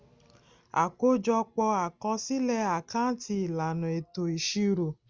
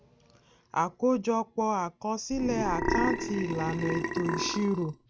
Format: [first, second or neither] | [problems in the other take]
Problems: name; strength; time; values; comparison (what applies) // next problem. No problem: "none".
first | background sound (Burping, eructation); 2 dB below the speech